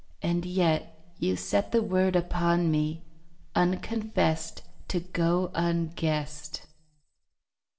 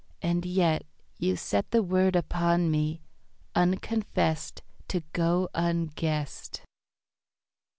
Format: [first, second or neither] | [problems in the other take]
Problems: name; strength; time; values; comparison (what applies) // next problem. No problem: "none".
second | room echo; dies away in 0.4 s